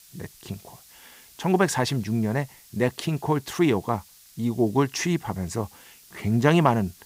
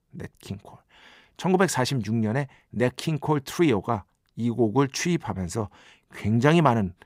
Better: second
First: hiss; faint; throughout; 25 dB below the speech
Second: none

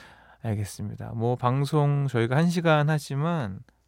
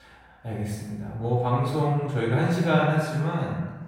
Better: first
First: none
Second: off-mic speech; far // room echo; strong; dies away in 1.1 s

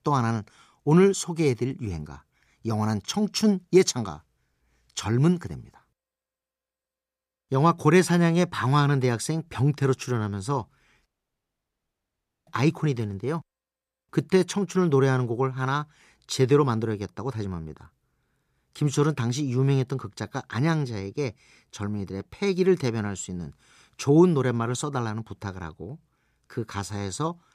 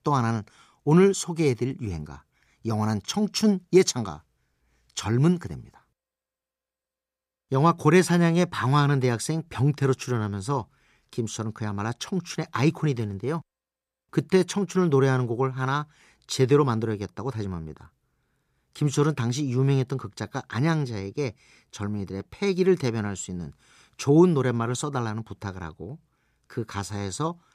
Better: second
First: audio cutting out; at 11 s for 1.5 s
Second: none

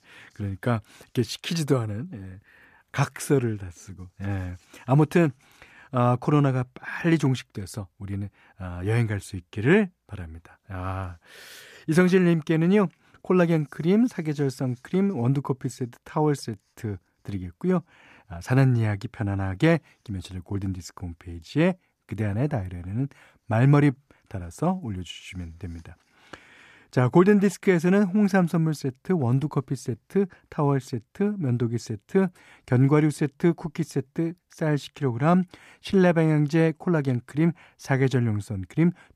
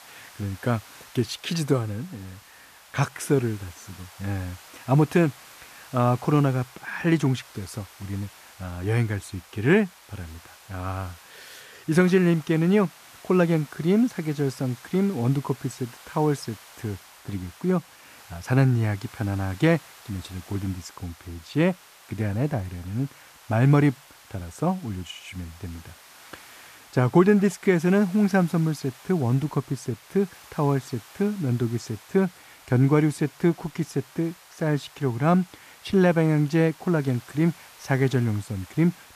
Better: first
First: none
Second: hiss; faint; throughout; 20 dB below the speech

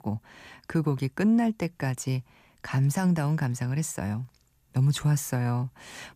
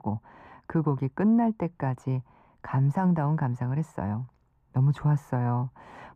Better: first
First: none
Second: muffled; very; fading above 2.5 kHz

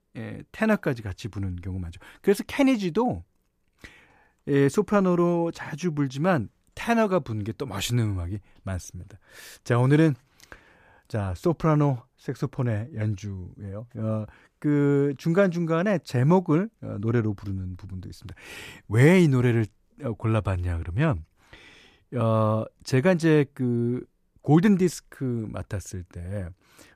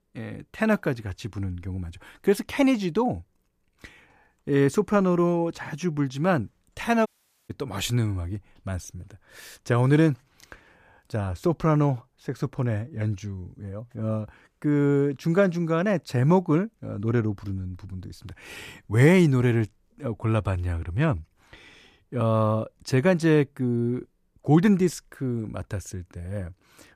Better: first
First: none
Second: audio cutting out; at 7 s

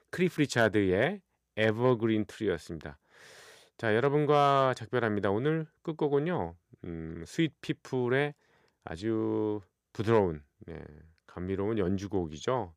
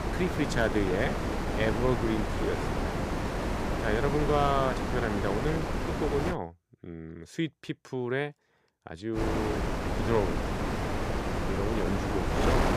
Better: first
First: none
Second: wind noise on the microphone; heavy; until 6.5 s and from 9 s on; 1 dB below the speech

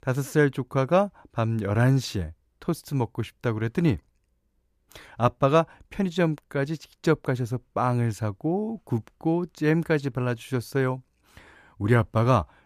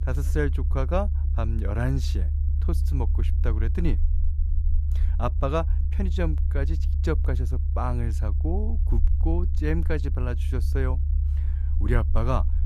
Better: first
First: none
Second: low rumble; noticeable; throughout; 10 dB below the speech

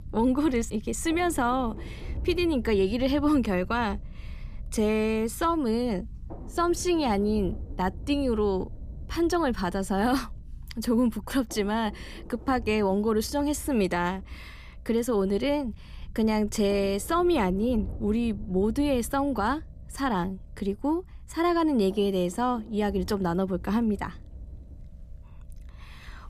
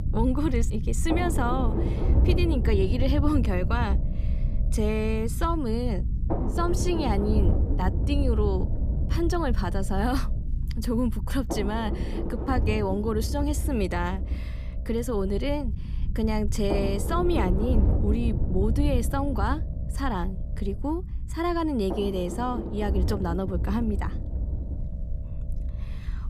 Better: first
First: low rumble; faint; throughout; 25 dB below the speech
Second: low rumble; loud; throughout; 8 dB below the speech

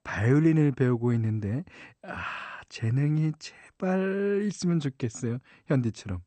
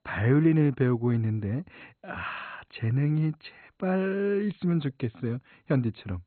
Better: first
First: garbled, watery; slightly; nothing above 8 kHz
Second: garbled, watery; badly; nothing above 4 kHz

